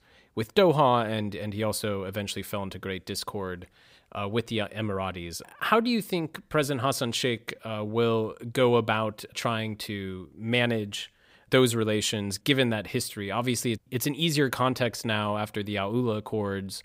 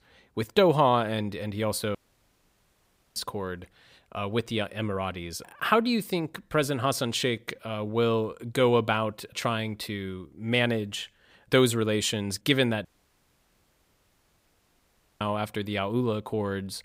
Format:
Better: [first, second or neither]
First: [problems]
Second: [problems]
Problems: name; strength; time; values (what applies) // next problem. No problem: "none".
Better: first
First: none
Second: audio cutting out; at 2 s for 1 s and at 13 s for 2.5 s